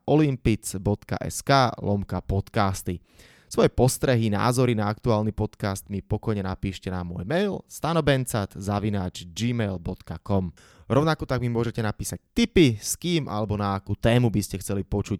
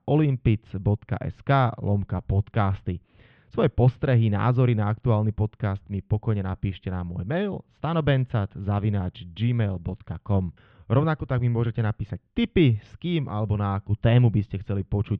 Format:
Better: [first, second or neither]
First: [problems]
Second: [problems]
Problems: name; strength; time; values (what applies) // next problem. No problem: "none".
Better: first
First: none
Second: muffled; very; fading above 3 kHz